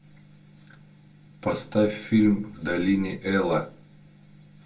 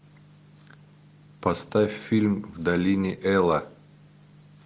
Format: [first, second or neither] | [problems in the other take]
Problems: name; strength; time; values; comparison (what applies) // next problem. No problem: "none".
second | room echo; dies away in 0.2 s